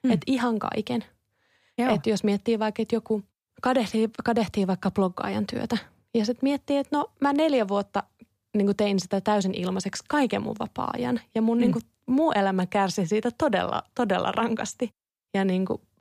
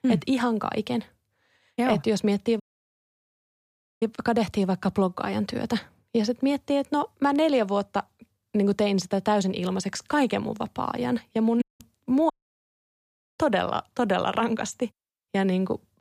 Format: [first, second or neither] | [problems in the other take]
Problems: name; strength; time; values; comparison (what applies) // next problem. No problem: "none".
first | audio cutting out; at 2.5 s for 1.5 s and at 12 s for 1 s